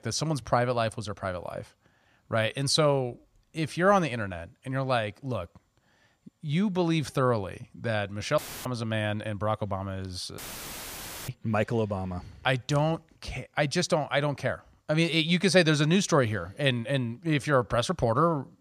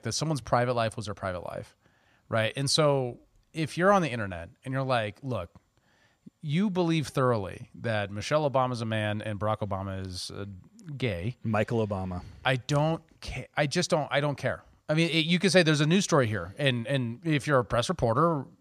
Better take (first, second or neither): second